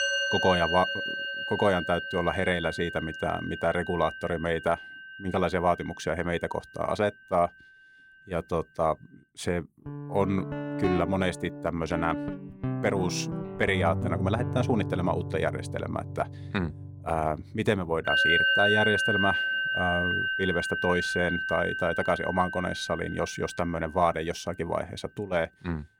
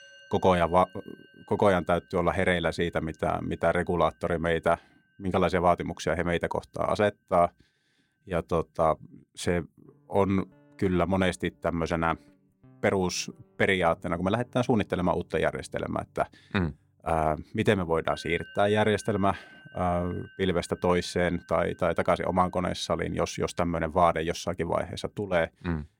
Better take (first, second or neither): second